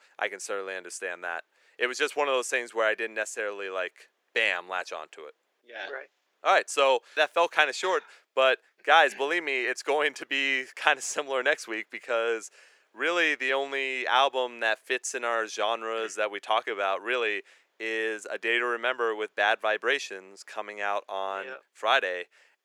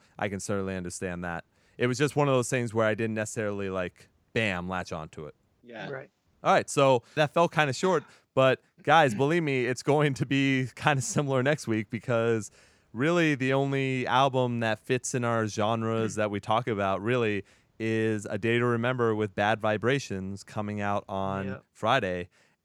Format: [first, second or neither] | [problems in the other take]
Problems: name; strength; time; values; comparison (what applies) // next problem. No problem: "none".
second | thin; very; fading below 400 Hz